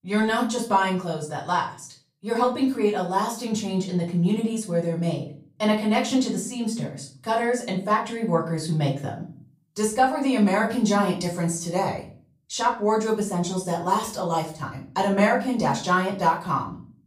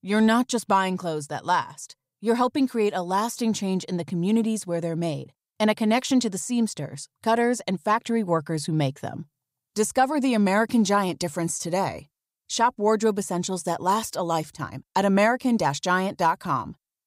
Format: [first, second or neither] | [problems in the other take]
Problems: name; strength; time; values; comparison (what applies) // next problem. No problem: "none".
second | off-mic speech; far // room echo; slight; dies away in 0.4 s